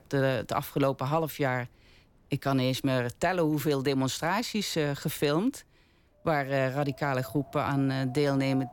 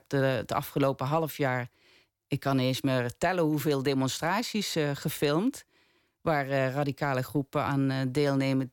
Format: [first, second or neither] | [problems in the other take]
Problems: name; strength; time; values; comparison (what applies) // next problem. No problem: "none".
second | wind in the background; faint; throughout; 25 dB below the speech